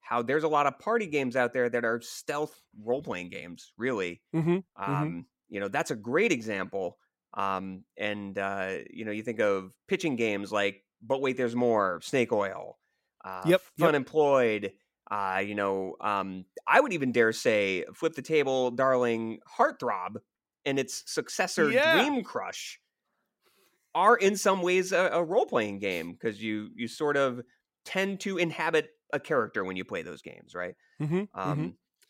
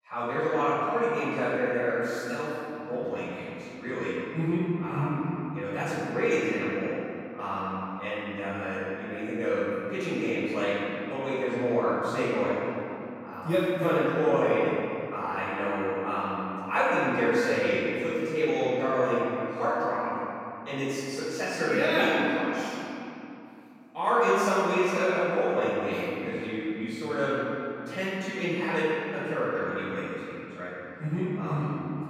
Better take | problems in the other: first | room echo; strong; dies away in 2.9 s // off-mic speech; far

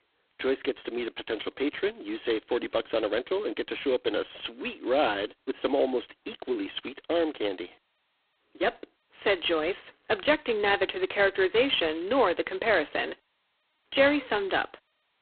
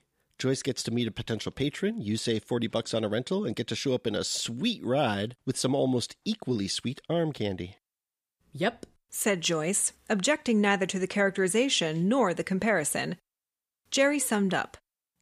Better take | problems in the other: second | phone-call audio; poor line; nothing above 3.5 kHz

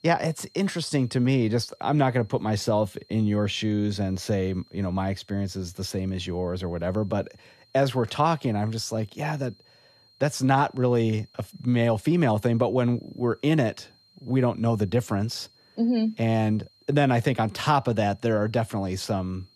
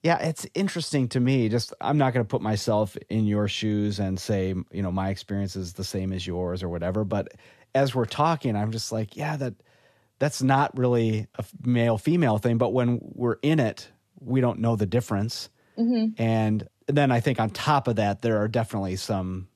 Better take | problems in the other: second | high-pitched whine; faint; throughout; 4 kHz, 30 dB below the speech

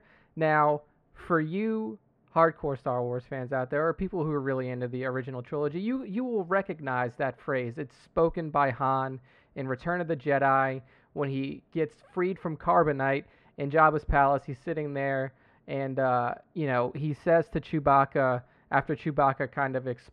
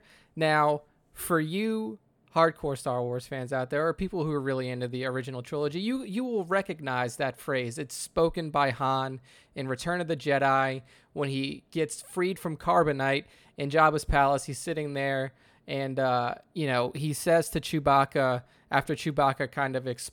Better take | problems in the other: second | muffled; very; fading above 1.5 kHz

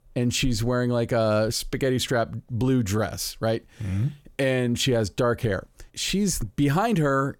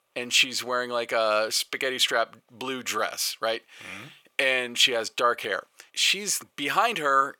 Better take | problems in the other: first | thin; very; fading below 600 Hz

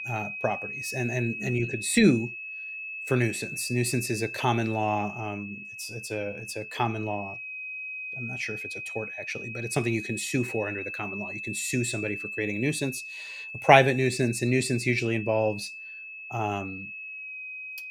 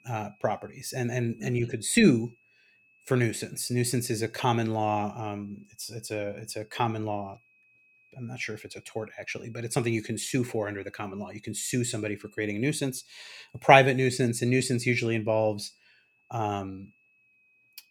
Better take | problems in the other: second | high-pitched whine; loud; throughout; 2.5 kHz, 8 dB below the speech; faint in the second

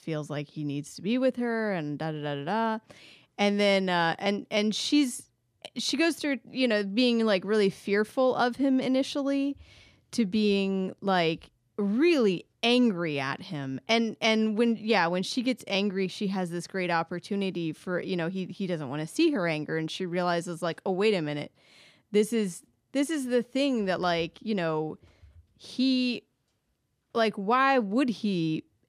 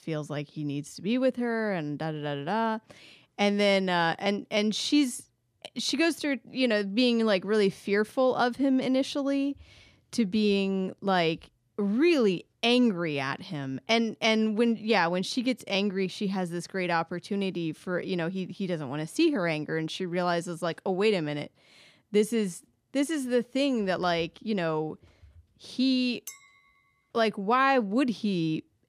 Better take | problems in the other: first | clattering dishes; faint; at 26 s; peak 15 dB below the speech

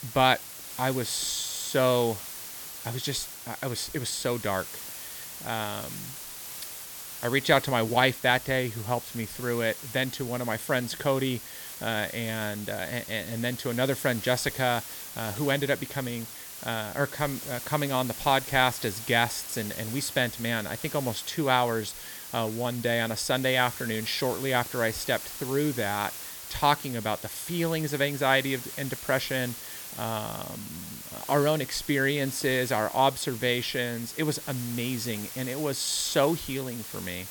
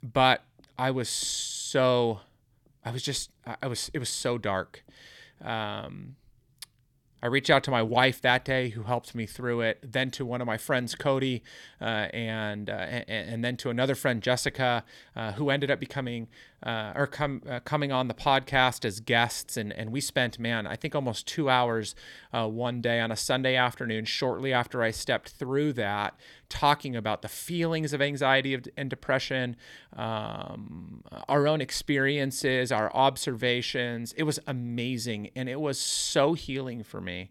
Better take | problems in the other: second | hiss; loud; throughout; 9 dB below the speech

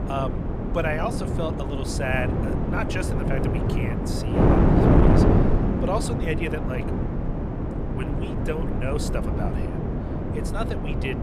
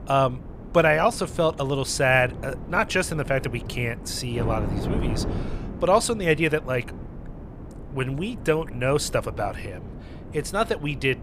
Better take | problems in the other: second | wind noise on the microphone; heavy; 1 dB above the speech; occasional gusts in the second

